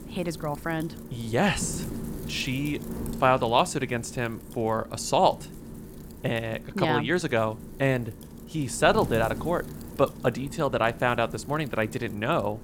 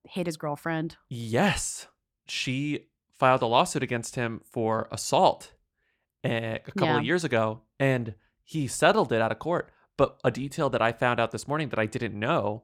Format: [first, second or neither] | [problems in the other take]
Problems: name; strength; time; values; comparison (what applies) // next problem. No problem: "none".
second | wind noise on the microphone; occasional gusts; 20 dB below the speech